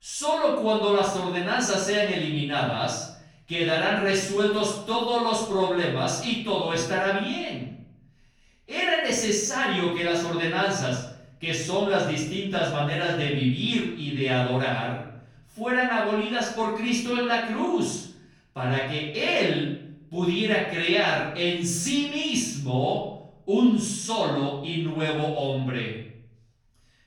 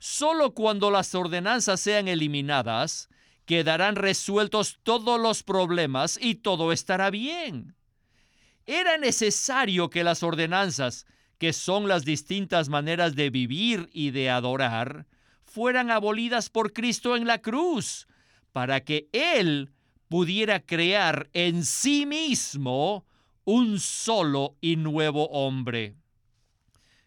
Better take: second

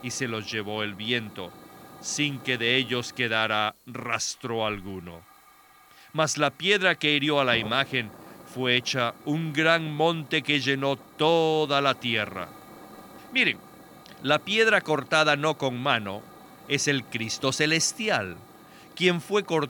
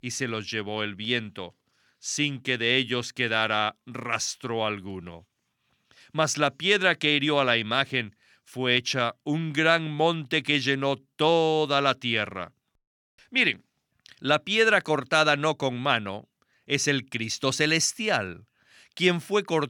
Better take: second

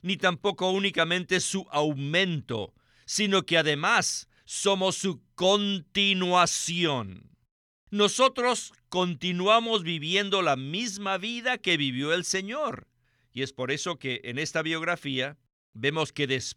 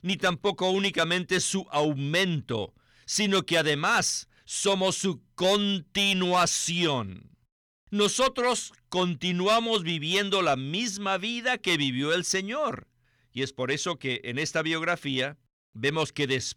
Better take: first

